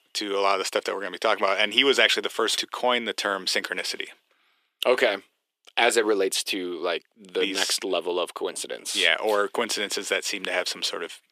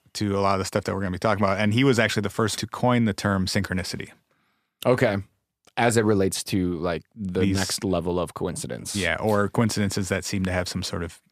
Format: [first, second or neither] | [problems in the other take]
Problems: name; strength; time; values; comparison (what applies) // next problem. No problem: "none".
second | thin; somewhat; fading below 350 Hz